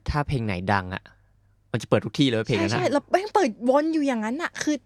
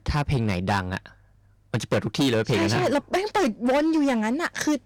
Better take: first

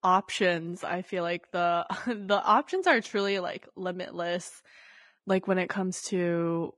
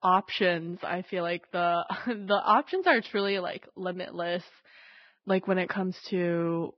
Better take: first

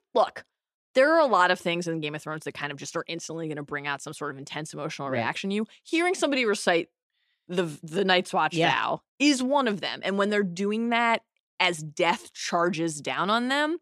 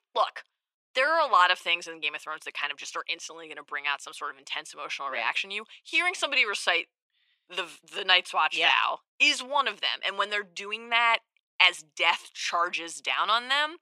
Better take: first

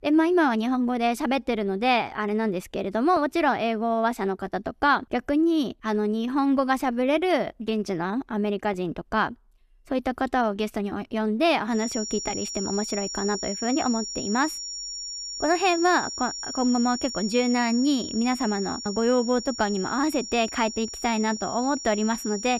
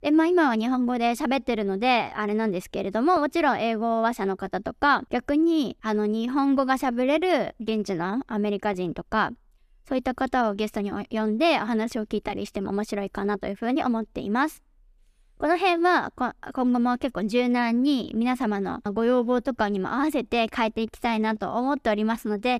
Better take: second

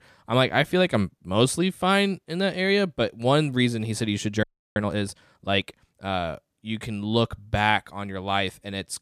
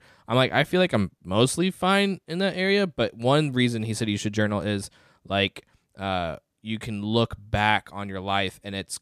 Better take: second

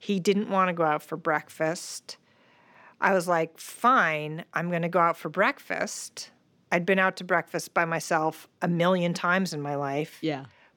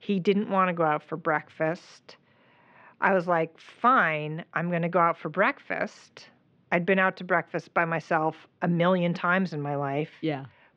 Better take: first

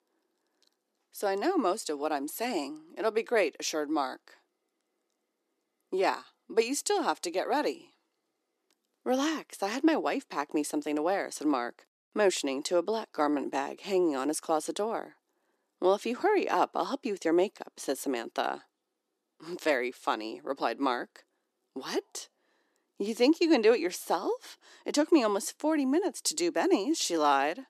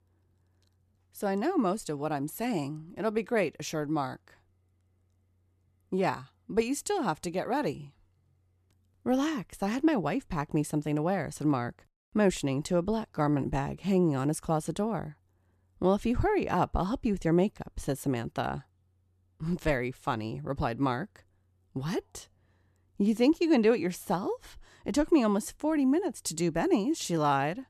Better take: second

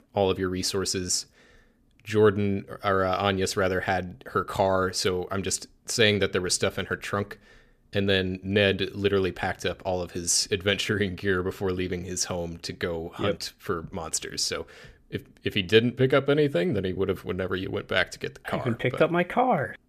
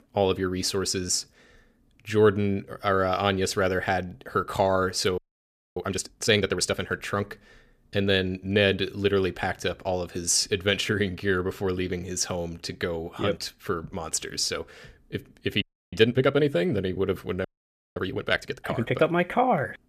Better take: first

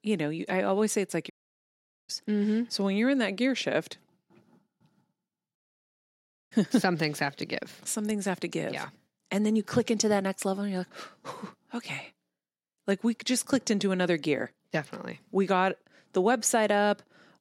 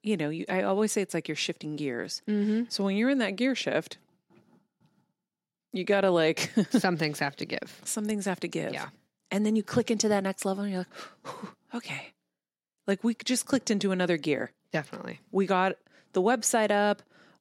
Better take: second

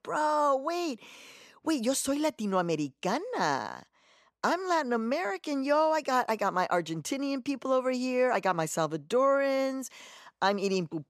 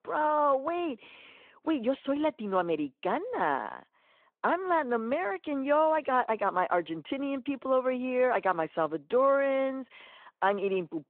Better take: first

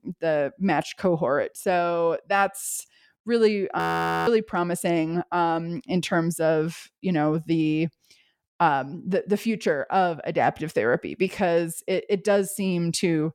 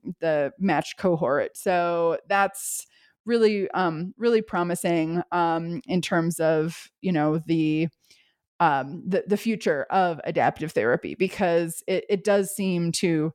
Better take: second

